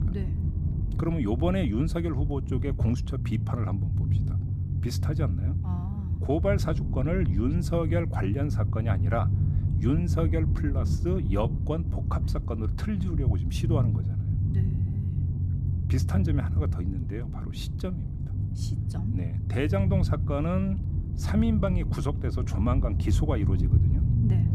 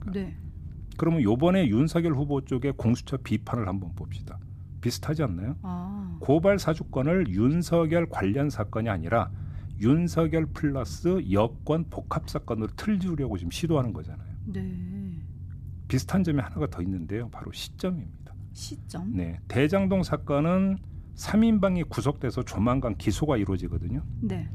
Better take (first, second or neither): second